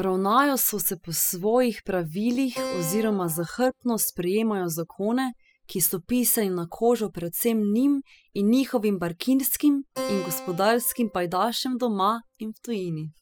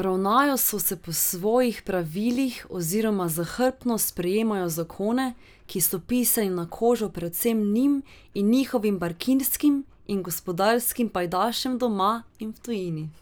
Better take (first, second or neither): second